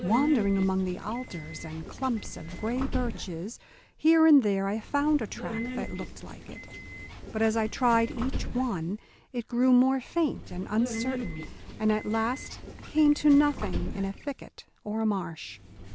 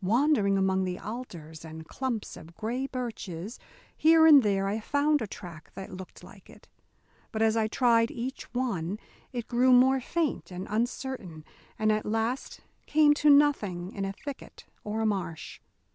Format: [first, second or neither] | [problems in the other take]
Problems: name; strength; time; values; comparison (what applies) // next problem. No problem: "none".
second | background sound (Subway, metro, underground); 9 dB below the speech